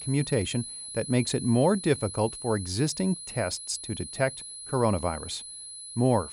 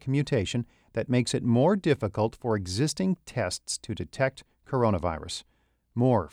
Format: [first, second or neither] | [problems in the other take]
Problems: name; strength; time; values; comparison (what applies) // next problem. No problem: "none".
second | high-pitched whine; loud; throughout; 10 kHz, 9 dB below the speech